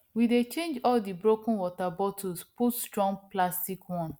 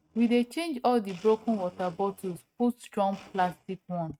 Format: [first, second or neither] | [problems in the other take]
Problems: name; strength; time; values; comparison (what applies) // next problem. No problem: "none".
first | noise reduction (neural mask model RNNoise)